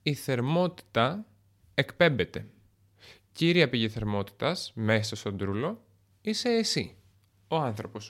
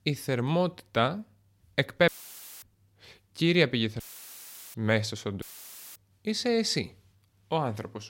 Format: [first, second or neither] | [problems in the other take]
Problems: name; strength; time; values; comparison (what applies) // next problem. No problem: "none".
first | audio cutting out; filled with static; at 2 s for 0.5 s, at 4 s for 0.5 s and at 5.5 s for 0.5 s